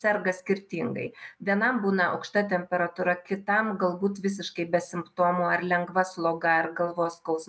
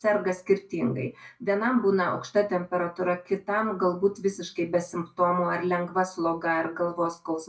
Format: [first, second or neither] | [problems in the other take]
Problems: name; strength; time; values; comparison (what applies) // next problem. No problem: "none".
first | room echo; dies away in 0.2 s